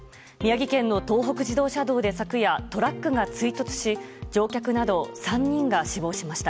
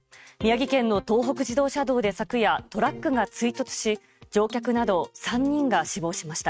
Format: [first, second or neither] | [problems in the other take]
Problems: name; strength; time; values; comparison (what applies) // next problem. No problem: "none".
first | noise reduction (neural mask model RNNoise)